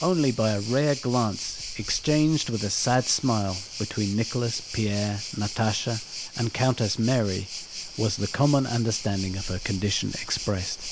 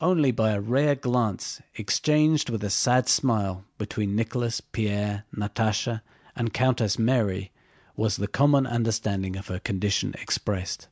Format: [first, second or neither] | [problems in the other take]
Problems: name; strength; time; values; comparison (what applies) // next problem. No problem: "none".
second | background sound (Waves, surf); 11 dB below the speech